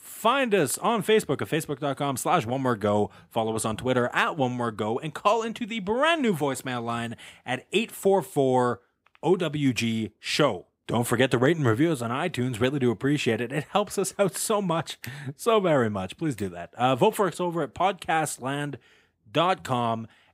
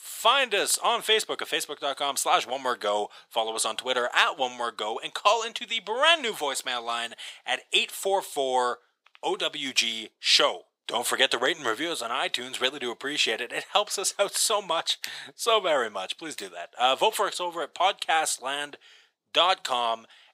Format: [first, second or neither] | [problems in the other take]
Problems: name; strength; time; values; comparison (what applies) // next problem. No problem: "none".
first | thin; very; fading below 650 Hz